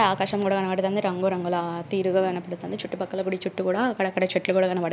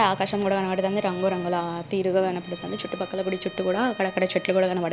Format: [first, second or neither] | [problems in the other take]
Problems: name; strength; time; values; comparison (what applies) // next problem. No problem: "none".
first | background sound (Bowed string instrument); 18 dB below the speech